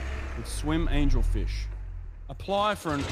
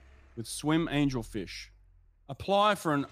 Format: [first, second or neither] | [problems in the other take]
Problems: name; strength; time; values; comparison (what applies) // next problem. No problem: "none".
second | traffic noise; loud; throughout; 4 dB below the speech; faint in the second